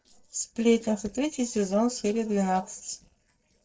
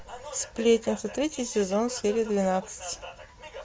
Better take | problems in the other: second | noise reduction (neural separator model SepFormer DNS4)

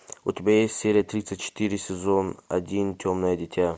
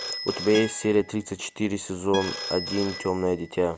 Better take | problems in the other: first | background sound (Acoustic guitar + Telephone); 11 dB below the speech

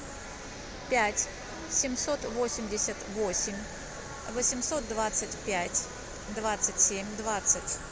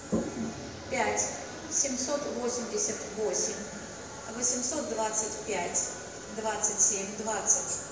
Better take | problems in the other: first | background sound (Toilet flush); 12 dB below the speech // room echo; dies away in 0.9 s

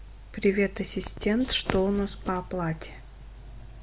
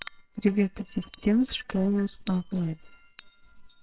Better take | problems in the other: first | noise reduction (neural separator model SepFormer WHAMR!)

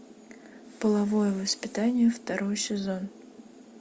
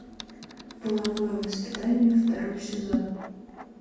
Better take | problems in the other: first | background sound (Typing); 10 dB below the speech // room echo; dies away in 1.3 s

